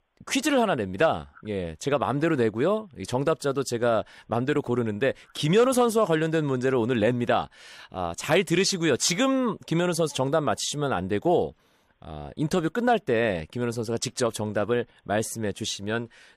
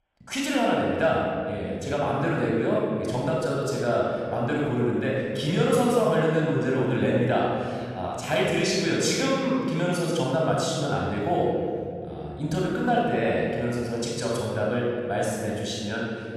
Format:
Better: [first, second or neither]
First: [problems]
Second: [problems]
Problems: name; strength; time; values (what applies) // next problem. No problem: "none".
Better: first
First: none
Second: off-mic speech; far // room echo; strong; dies away in 2.2 s